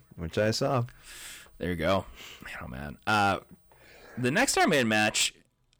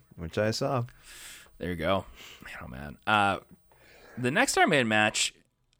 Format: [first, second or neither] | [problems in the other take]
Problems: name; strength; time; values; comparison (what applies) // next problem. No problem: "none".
second | distortion; slight; 3% of the sound clipped